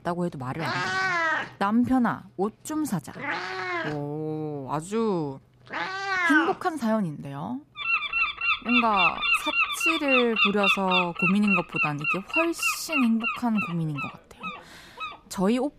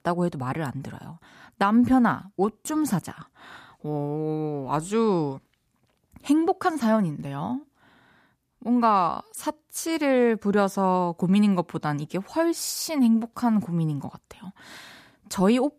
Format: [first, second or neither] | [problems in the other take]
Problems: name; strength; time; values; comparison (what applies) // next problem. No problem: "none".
second | animal sounds; very loud; throughout; 2 dB above the speech